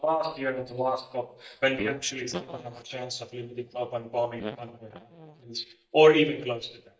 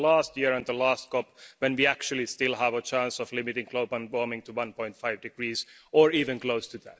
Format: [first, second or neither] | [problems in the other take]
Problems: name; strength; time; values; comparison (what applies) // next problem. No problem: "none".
second | noise reduction (neural mask model DeepFilterNet 3)